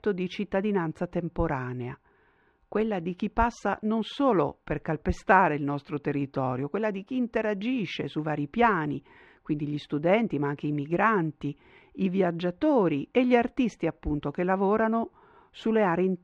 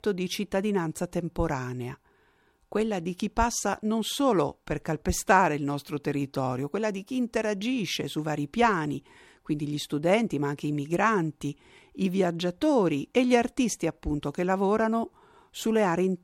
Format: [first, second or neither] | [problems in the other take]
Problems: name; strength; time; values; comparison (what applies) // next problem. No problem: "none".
second | muffled; very; fading above 2 kHz